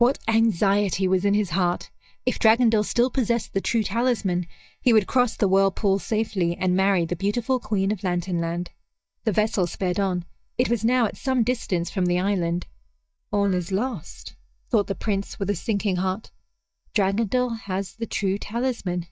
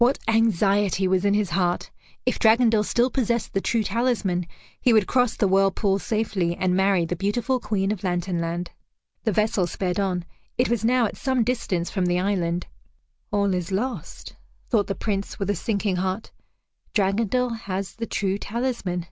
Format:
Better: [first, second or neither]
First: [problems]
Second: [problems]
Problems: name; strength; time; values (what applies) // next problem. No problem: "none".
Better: second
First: noise reduction (neural mask model DeepFilterNet 3)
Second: none